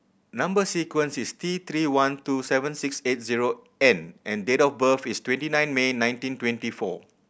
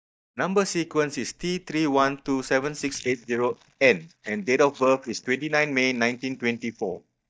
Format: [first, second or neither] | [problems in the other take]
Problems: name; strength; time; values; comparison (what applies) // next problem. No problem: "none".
first | noise reduction (neural mask model DeepFilterNet 3)